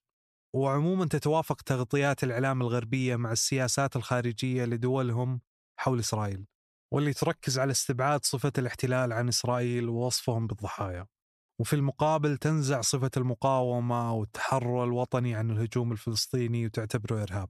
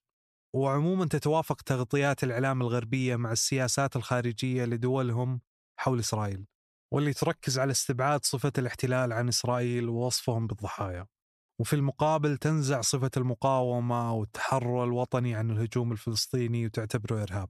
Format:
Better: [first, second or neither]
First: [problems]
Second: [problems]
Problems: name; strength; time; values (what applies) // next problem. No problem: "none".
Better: neither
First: none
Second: none